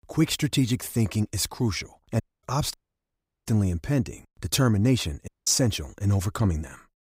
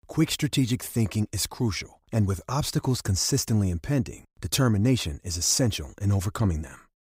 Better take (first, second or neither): second